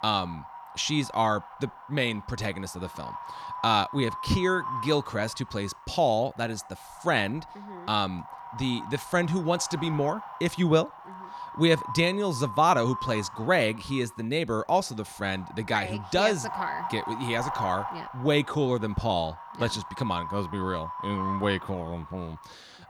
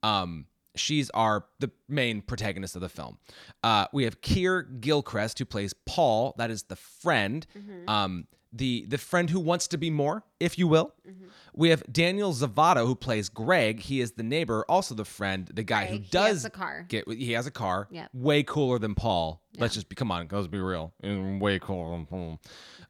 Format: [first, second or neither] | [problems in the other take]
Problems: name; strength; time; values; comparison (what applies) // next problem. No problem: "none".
second | wind noise on the microphone; heavy; 9 dB below the speech